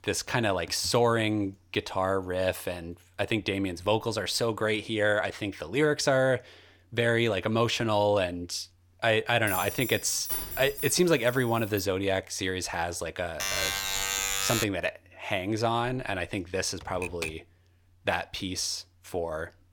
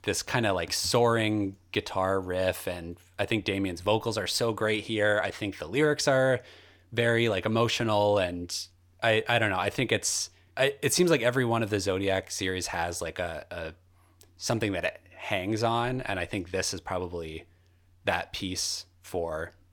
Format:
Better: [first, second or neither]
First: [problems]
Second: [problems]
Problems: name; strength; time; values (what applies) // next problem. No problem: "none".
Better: second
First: jangling keys; noticeable; from 9.5 to 12 s; peak 2 dB below the speech // alarm; loud; from 13 to 15 s; peak 2 dB above the speech // keyboard typing; noticeable; at 17 s; peak 7 dB below the speech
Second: none